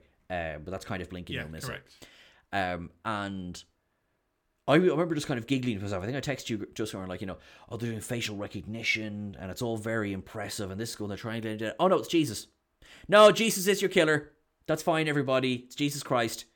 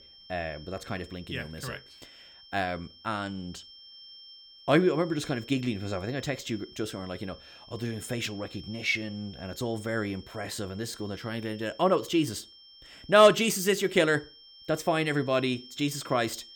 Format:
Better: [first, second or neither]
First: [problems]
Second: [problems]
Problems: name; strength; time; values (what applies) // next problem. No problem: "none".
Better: first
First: none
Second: high-pitched whine; noticeable; throughout; 5.5 kHz, 20 dB below the speech